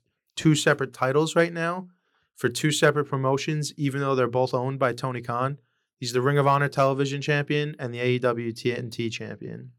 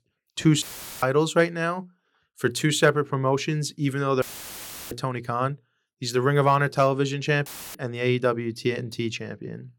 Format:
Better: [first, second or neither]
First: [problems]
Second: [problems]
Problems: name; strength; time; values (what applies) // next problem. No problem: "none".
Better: first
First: none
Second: audio cutting out; filled with static; at 0.5 s, at 4 s for 0.5 s and at 7.5 s